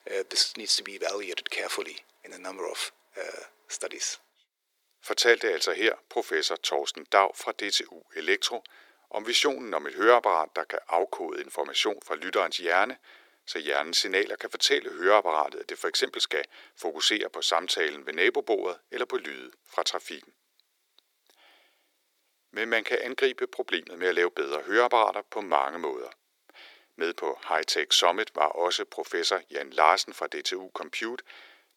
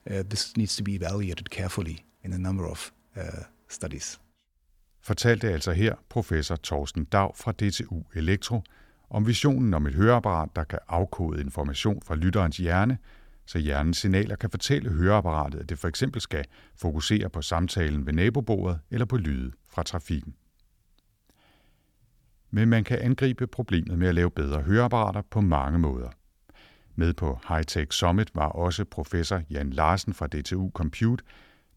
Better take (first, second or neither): second